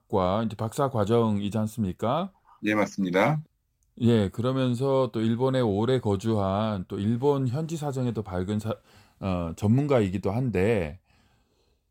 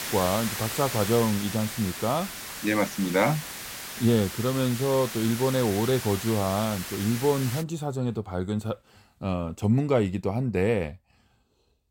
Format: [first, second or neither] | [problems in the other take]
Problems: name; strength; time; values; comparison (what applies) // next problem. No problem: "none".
first | hiss; loud; until 7.5 s; 7 dB below the speech